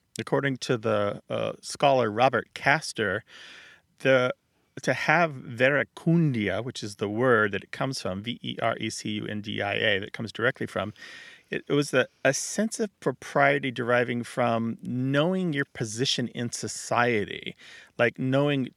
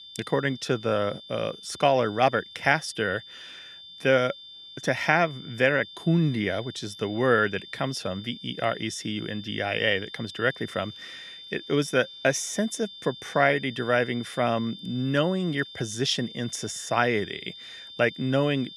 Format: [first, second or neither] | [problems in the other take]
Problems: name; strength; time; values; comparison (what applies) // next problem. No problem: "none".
first | high-pitched whine; noticeable; throughout; 3.5 kHz, 15 dB below the speech